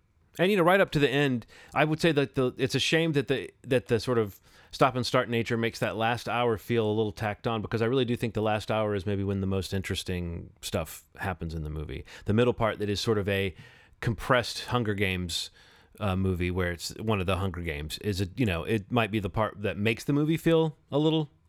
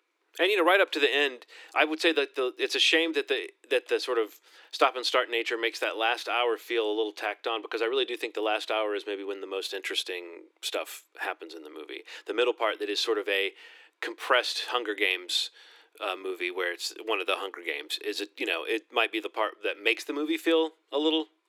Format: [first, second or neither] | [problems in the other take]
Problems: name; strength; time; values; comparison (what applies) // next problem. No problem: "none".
first | thin; very; fading below 300 Hz